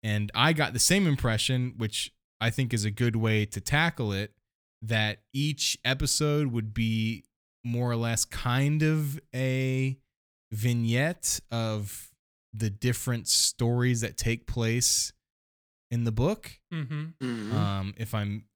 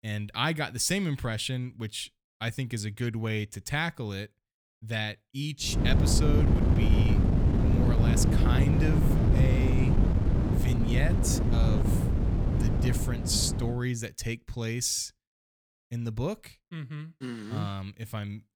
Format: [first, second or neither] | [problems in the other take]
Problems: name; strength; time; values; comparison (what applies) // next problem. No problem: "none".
first | wind noise on the microphone; heavy; from 5.5 to 14 s; 1 dB below the speech